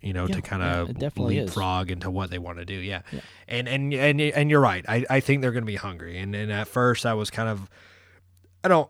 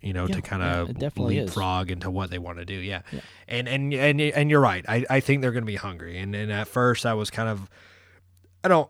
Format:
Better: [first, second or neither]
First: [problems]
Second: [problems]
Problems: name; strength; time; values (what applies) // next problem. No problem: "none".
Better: neither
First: none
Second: none